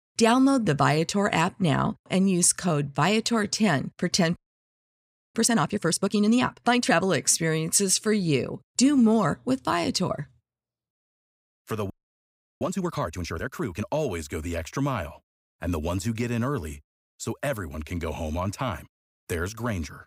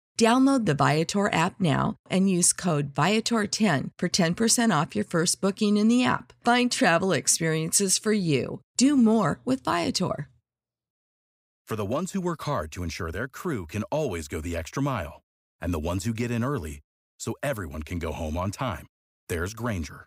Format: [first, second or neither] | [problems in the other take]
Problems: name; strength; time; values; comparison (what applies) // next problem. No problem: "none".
second | audio freezing; at 4.5 s for 1 s and at 12 s for 0.5 s